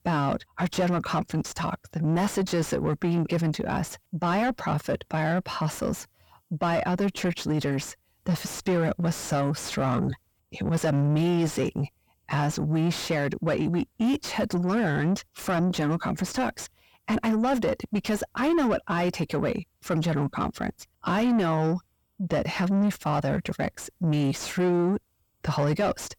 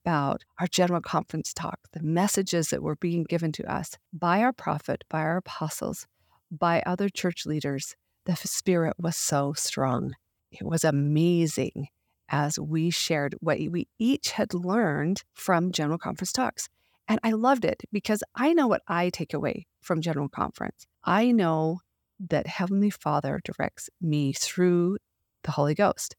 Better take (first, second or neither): second